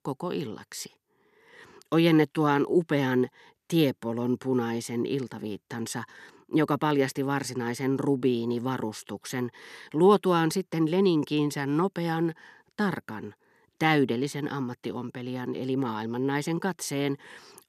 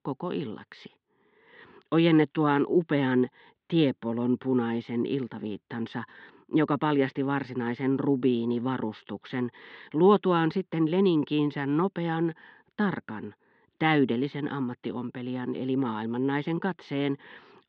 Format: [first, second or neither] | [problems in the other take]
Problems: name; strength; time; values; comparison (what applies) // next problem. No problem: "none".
first | muffled; very; fading above 3.5 kHz